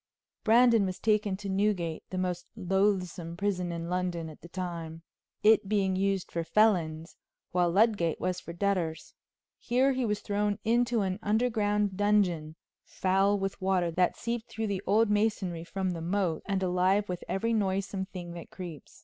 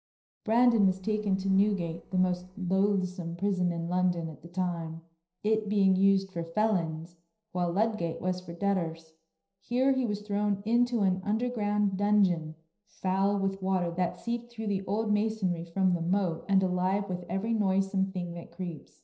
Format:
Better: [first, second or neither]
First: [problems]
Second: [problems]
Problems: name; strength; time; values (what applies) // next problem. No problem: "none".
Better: first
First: none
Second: noise reduction (neural separator model SepFormer DNS4)